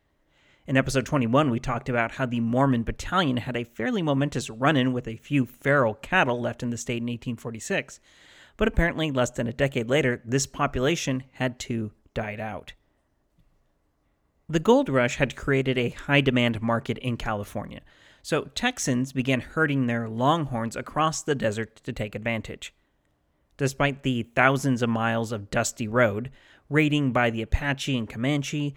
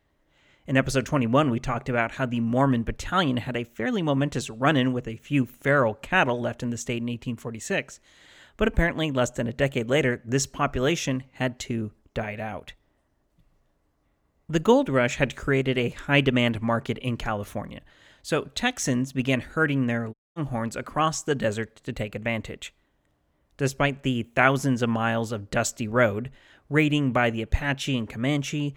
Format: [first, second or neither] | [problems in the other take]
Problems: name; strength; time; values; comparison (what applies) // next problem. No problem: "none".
first | audio cutting out; at 20 s